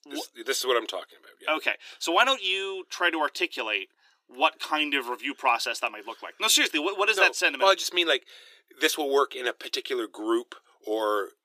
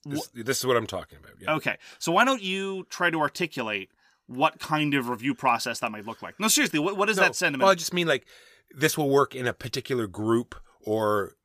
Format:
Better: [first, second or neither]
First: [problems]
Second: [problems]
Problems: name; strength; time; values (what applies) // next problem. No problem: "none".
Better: second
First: thin; somewhat; fading below 350 Hz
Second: none